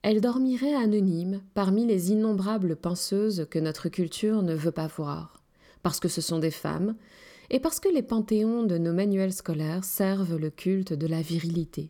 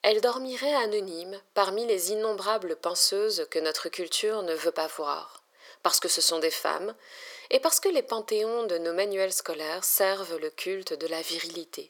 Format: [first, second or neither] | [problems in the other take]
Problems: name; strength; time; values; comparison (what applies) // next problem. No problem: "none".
first | thin; very; fading below 500 Hz